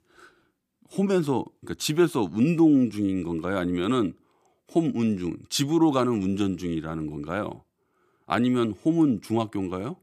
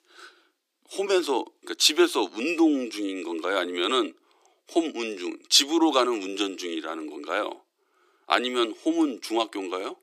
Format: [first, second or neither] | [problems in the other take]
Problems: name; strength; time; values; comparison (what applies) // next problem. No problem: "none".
first | thin; somewhat; fading below 350 Hz